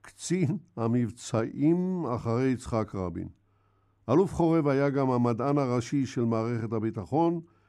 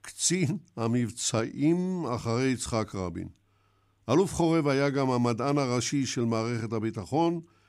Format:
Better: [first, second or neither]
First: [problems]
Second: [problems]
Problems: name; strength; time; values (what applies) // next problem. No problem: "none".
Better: second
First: muffled; slightly; fading above 2 kHz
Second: none